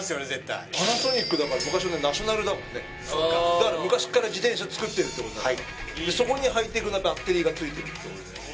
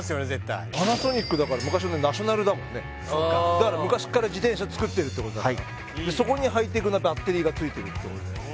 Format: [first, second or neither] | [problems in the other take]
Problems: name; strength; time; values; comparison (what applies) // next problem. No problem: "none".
second | background sound (Keyboard (musical)); 17 dB below the speech // room echo; dies away in 0.2 s